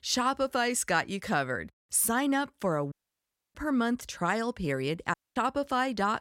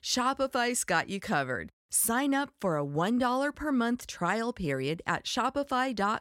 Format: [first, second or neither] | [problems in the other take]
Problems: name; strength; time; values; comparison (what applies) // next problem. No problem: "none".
second | audio cutting out; at 3 s for 0.5 s and at 5 s